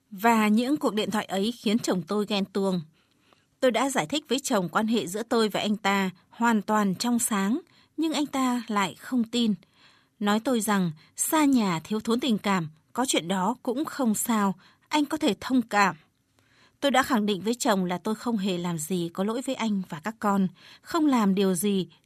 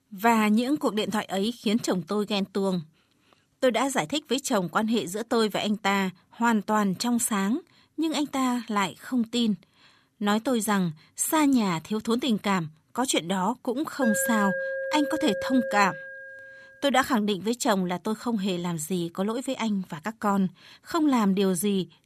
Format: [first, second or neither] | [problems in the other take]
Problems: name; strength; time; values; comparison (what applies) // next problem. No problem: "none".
first | alarm; noticeable; from 14 to 17 s; peak 2 dB below the speech